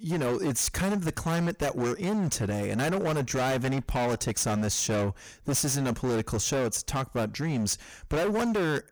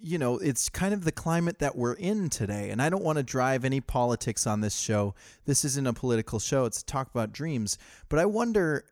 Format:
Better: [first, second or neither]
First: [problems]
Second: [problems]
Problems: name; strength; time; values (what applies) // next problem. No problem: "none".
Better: second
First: distortion; heavy; 29% of the sound clipped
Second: none